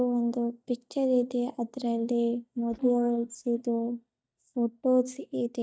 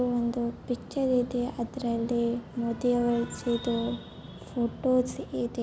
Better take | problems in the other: second | noise reduction (neural mask model DeepFilterNet 3)

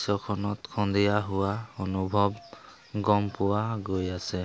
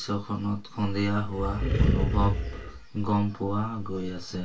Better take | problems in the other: first | background sound (Animal); 3 dB above the speech // room echo; dies away in 0.2 s

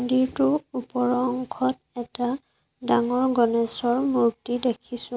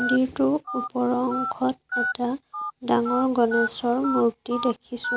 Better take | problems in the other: first | background sound (Telephone); 7 dB below the speech

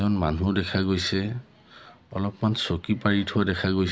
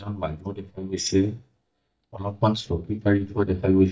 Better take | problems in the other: first | noise reduction (neural mask model DeepFilterNet 3)

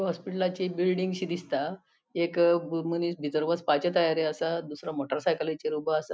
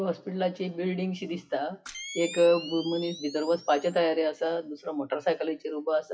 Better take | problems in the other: first | noise reduction (classical method WPE with log-MMSE)

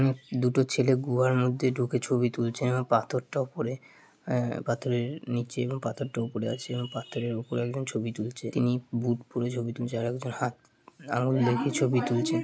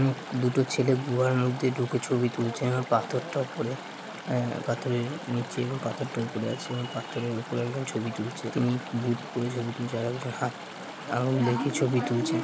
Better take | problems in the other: first | background sound (Chatter / Stream); 11 dB below the speech

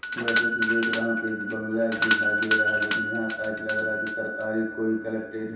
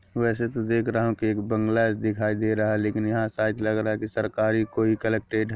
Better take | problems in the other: second | background sound (Doorbell); 2 dB above the speech // room echo; dies away in 0.7 s

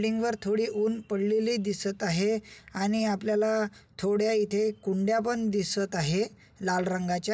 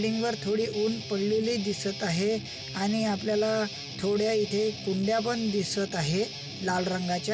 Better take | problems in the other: first | background sound (Guitar); 10 dB below the speech

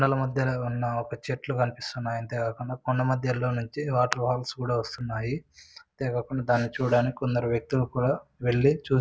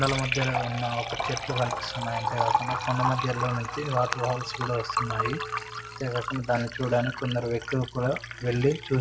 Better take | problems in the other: first | background sound (Liquid); 3 dB below the speech

